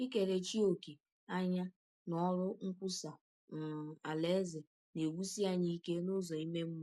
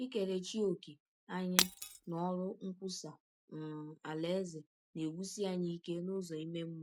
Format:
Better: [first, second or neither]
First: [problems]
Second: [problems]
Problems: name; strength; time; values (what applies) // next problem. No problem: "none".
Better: first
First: none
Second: background sound (Shatter); 5 dB above the speech